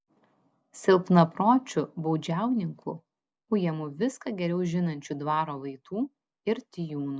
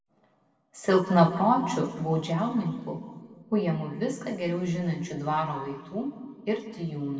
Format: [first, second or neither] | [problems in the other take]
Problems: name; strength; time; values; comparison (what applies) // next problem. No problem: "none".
first | room echo; dies away in 1.9 s